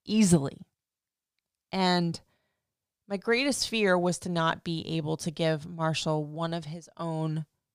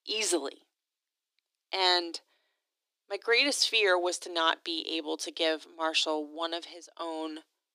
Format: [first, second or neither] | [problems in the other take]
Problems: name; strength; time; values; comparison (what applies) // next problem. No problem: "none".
first | thin; very; fading below 300 Hz